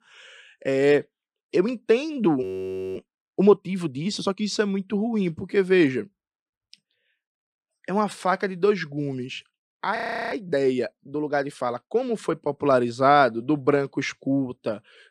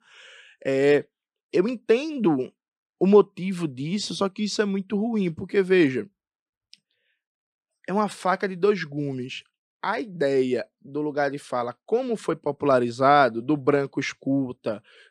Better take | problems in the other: second | audio freezing; at 2.5 s for 0.5 s and at 10 s

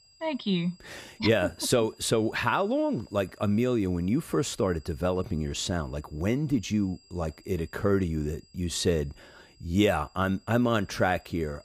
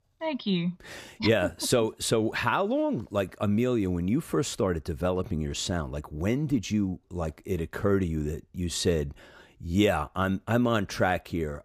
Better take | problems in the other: second | high-pitched whine; faint; throughout; 5 kHz, 30 dB below the speech

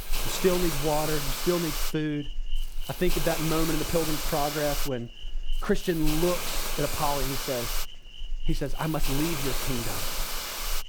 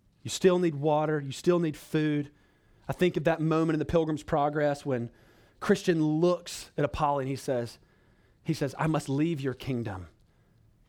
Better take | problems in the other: second | hiss; loud; throughout; 2 dB below the speech

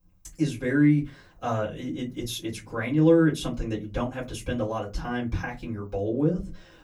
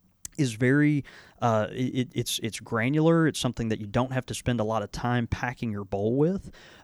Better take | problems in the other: second | off-mic speech; far // room echo; very slight; dies away in 0.2 s

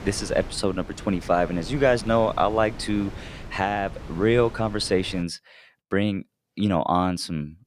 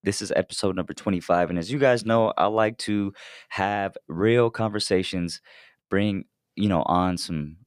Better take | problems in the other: second | wind noise on the microphone; occasional gusts; until 5 s; 20 dB below the speech

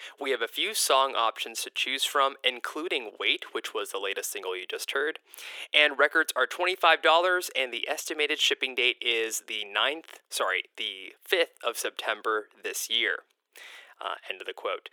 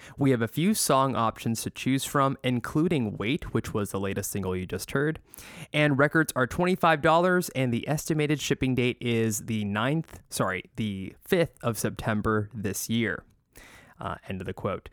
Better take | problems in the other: second | thin; very; fading below 400 Hz

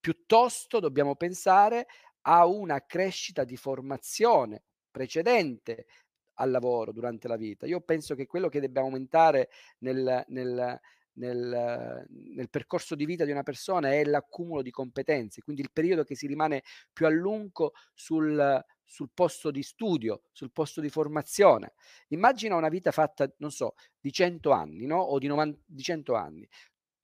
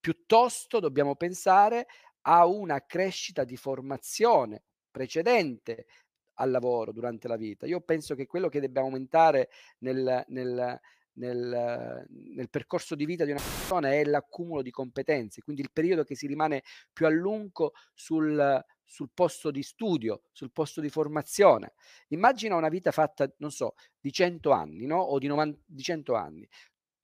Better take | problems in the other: first | audio cutting out; filled with static; at 13 s

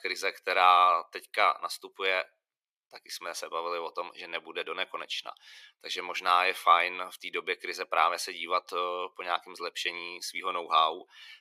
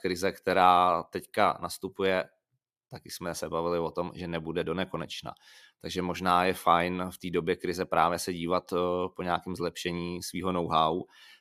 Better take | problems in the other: second | thin; very; fading below 450 Hz

